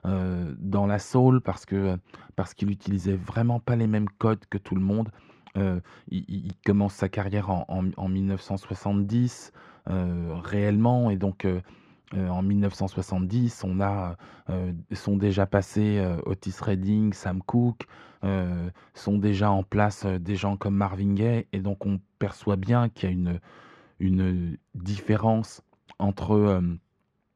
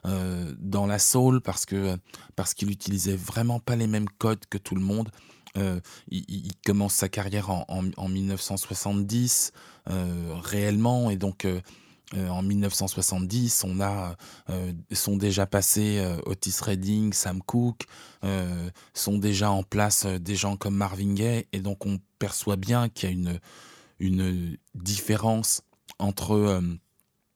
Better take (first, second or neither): second